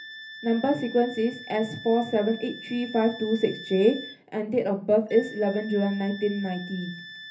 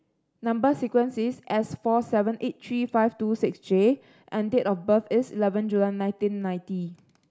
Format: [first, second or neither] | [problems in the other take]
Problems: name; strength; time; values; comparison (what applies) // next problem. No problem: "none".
second | background sound (Wind instrument, woodwind instrument); 16 dB below the speech // room echo; dies away in 0.3 s